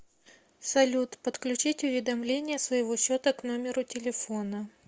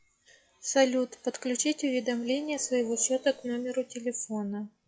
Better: first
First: none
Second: noise reduction (classical method log-MMSE)

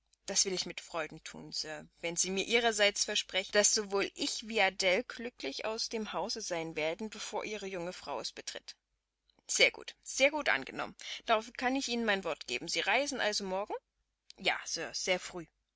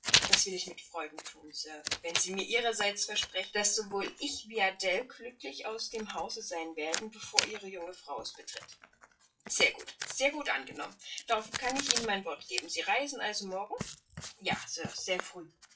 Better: first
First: none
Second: noise reduction (classical method WPE with log-MMSE)

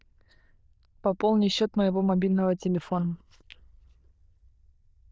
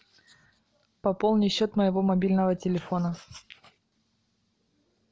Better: second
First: noise reduction (neural diffusion model UNIVERSE++)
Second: none

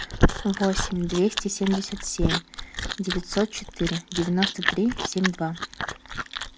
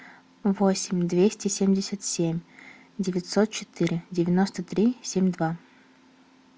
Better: second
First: background sound (Chewing, mastication); 2 dB below the speech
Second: none

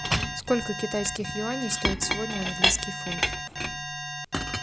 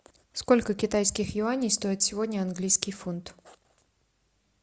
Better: second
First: background sound (Chink, clink + Alarm); 2 dB above the speech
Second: none

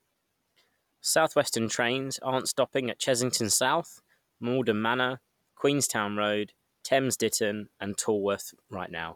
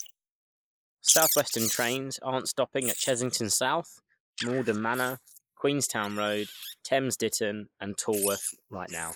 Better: first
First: none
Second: noise reduction (neural mask model Resemble Enhance denoiser)

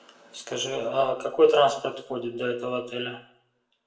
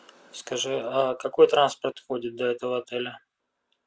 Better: second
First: room echo; dies away in 0.5 s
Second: none

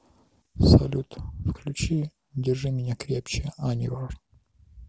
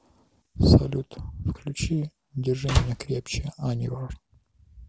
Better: first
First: none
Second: background sound (Slam); 2 dB below the speech

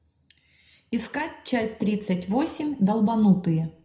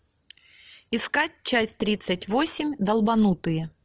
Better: second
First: room echo; dies away in 0.4 s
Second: none

